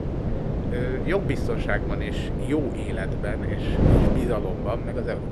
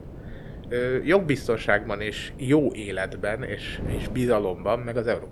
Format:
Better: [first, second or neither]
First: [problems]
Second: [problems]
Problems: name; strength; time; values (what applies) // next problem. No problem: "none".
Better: second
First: wind noise on the microphone; heavy; 1 dB below the speech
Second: wind noise on the microphone; occasional gusts; 20 dB below the speech